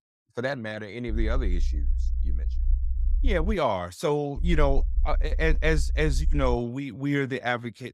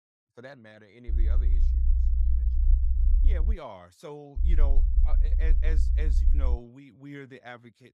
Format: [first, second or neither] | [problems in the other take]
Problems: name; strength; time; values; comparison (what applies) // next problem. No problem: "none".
first | low rumble; loud; from 1 to 3.5 s and from 4.5 to 6.5 s; 5 dB below the speech; faint in the first